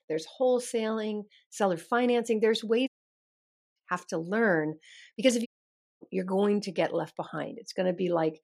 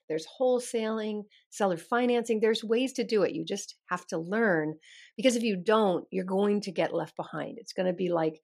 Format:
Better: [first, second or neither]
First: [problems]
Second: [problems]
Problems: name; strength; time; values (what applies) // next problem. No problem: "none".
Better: second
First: audio cutting out; at 3 s for 1 s and at 5.5 s for 0.5 s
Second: none